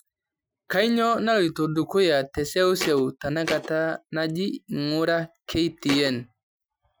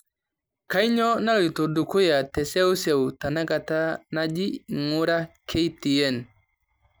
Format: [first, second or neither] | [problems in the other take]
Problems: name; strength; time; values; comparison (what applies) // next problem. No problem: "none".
second | noise reduction (classical method Wiener filter)